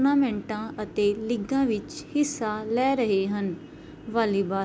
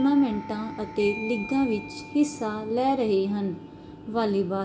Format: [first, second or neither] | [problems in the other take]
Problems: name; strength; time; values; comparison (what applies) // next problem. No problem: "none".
first | background sound (Doorbell); 16 dB below the speech // room echo; dies away in 0.5 s